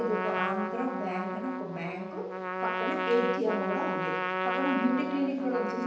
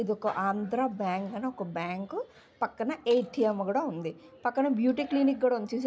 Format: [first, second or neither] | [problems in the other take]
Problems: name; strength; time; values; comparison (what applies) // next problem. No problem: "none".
second | background sound (Trumpet); 2 dB below the speech // room echo; dies away in 0.9 s